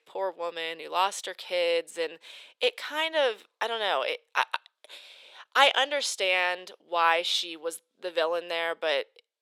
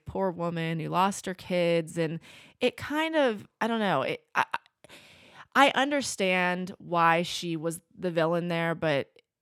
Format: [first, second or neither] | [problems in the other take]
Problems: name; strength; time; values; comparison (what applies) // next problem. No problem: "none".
second | thin; very; fading below 450 Hz